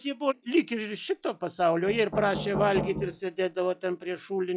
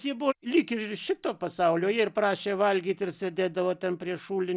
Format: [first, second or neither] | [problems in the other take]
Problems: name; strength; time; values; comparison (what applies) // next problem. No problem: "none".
second | noise reduction (classical method log-MMSE)